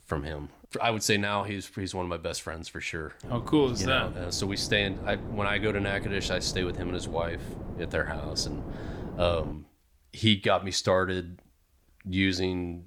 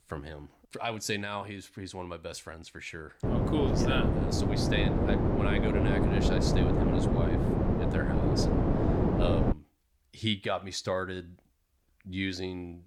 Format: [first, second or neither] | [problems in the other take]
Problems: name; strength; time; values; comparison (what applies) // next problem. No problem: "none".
first | wind noise on the microphone; heavy; from 3 to 9.5 s; 3 dB above the speech; occasional gusts in the first